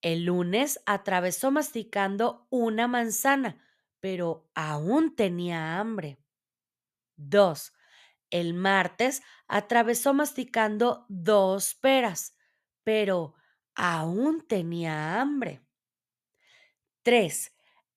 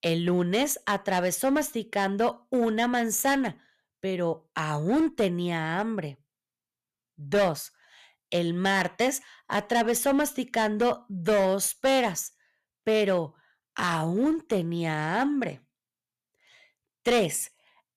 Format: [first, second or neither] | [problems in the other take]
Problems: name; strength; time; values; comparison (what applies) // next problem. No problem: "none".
first | distortion; slight; 6% of the sound clipped